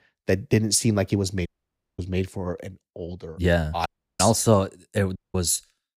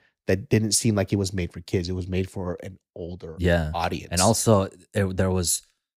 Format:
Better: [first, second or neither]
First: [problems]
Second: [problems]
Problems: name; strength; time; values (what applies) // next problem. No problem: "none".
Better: second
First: audio cutting out; at 1.5 s for 0.5 s, at 4 s and at 5 s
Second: none